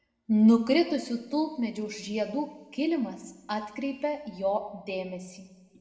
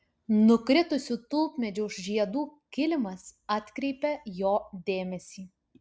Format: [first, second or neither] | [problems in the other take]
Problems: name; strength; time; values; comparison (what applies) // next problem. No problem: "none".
second | room echo; dies away in 1.3 s